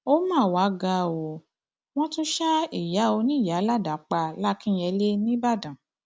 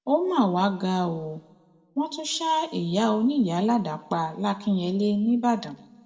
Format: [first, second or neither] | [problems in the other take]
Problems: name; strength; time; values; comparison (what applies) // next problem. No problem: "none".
first | room echo; dies away in 0.7 s